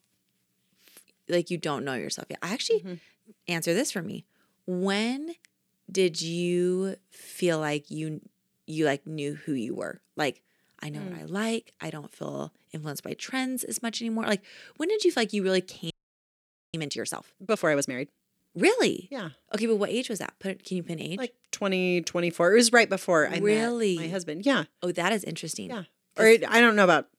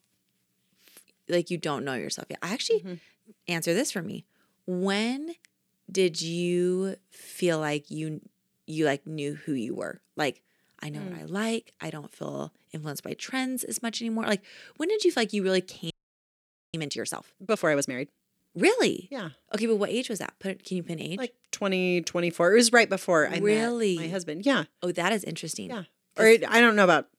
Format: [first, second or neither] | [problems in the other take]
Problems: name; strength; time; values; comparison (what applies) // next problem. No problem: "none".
neither | audio freezing; at 16 s for 1 s; the same in both